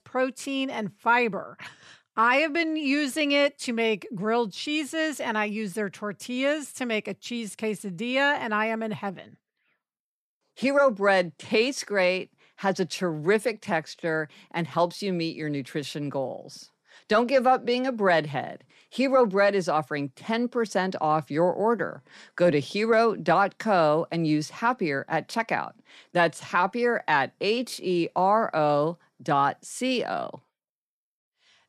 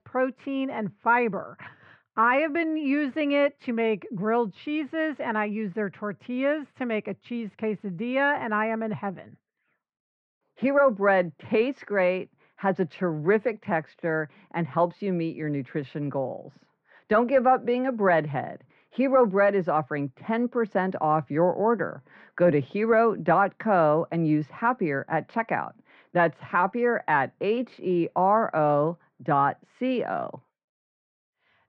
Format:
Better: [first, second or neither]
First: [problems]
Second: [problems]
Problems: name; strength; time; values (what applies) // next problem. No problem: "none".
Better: first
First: none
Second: muffled; very; fading above 2 kHz